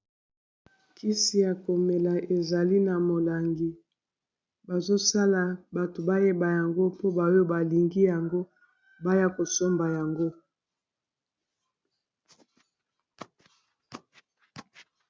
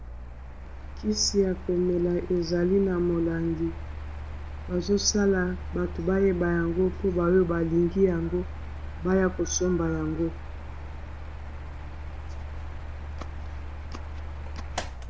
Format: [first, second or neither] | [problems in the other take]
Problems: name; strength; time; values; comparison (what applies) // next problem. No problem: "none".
first | background sound (Mechanical fan); 8 dB below the speech